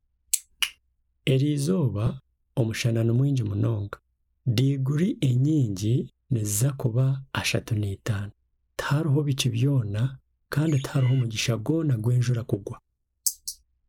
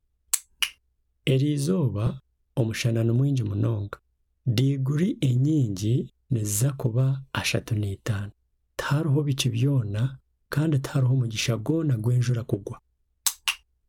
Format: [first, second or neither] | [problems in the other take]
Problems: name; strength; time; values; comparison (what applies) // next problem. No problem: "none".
second | noise reduction (neural mask model Resemble Enhance denoiser)